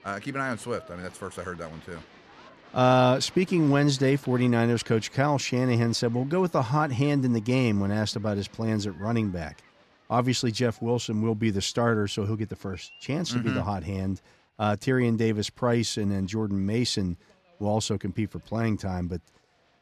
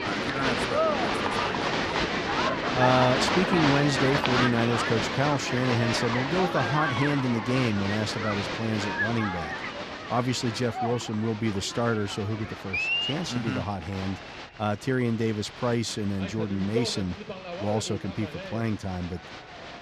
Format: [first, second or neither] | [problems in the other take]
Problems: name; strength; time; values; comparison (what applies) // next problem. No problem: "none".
first | crowd noise; loud; throughout; 1 dB below the speech; faint in the first